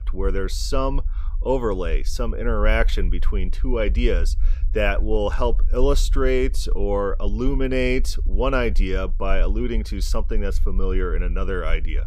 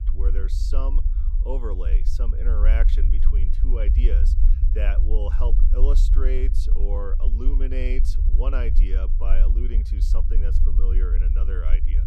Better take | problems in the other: first | low rumble; loud; throughout; 8 dB below the speech; faint in the first

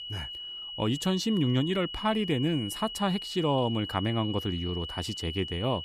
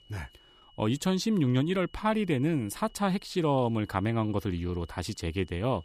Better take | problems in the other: second | high-pitched whine; loud; throughout; 3 kHz, 7 dB below the speech; faint in the second

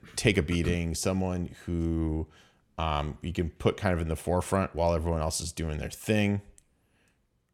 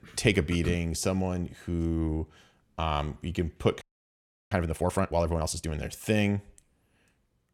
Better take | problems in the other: first | audio freezing; at 4 s for 0.5 s

